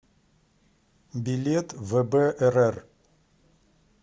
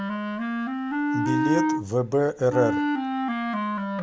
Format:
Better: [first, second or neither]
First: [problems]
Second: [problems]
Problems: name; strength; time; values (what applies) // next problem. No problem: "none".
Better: first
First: none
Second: background sound (Wind instrument, woodwind instrument); 2 dB above the speech